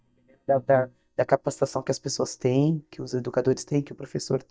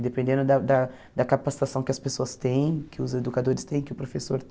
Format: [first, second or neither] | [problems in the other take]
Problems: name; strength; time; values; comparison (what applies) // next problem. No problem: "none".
second | noise reduction (neural mask model DeepFilterNet 3)